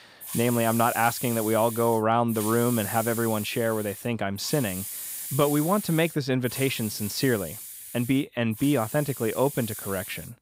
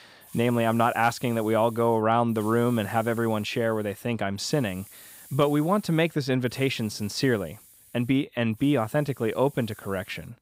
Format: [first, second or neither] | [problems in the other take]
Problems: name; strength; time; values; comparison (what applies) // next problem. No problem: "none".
second | hiss; loud; throughout; 8 dB below the speech; faint in the second